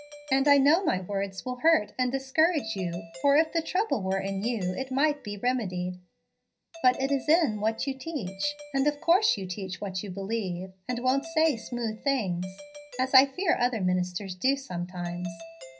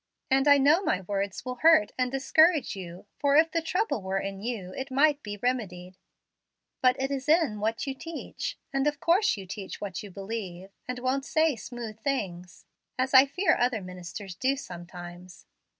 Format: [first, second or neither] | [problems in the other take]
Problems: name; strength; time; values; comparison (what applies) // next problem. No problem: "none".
second | background sound (Doorbell); 20 dB below the speech // room echo; dies away in 0.5 s